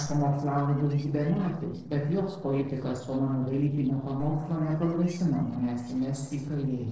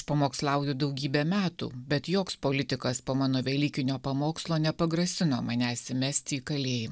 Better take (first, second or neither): second